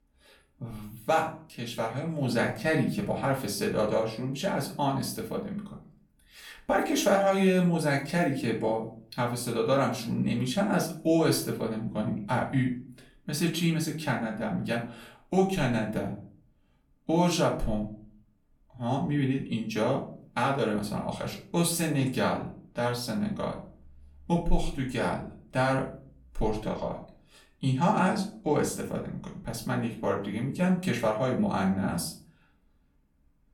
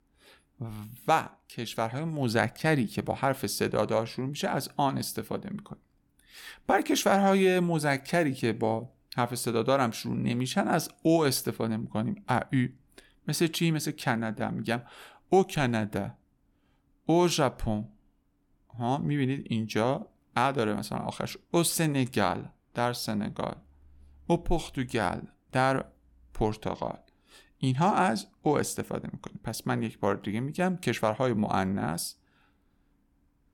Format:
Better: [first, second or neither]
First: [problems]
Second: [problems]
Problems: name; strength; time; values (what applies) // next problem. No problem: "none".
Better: second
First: off-mic speech; far // room echo; slight; dies away in 0.4 s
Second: none